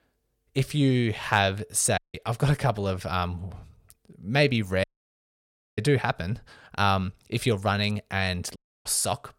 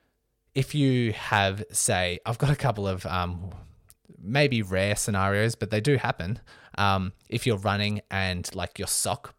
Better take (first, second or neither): second